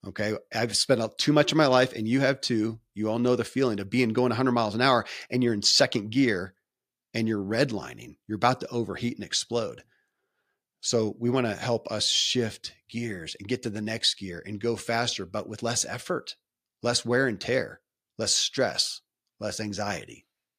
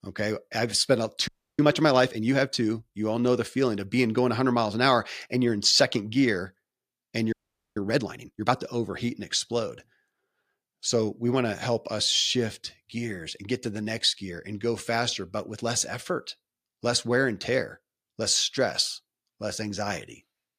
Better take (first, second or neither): first